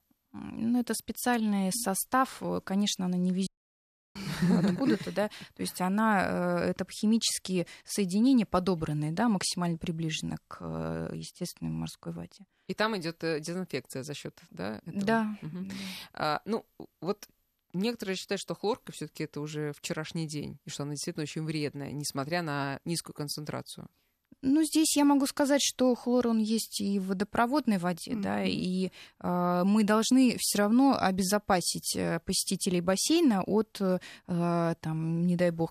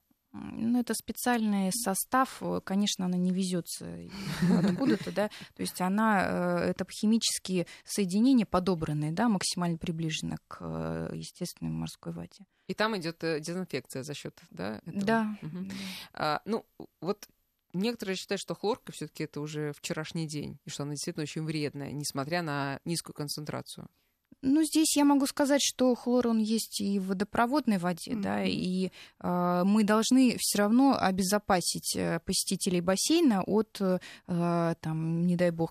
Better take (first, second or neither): second